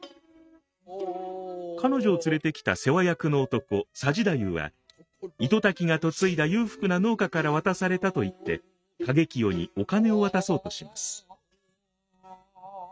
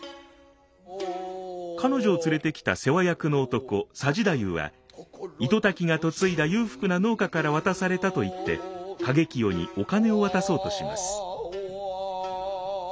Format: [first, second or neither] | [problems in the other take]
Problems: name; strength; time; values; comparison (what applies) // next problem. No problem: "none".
second | noise reduction (neural mask model RNNoise)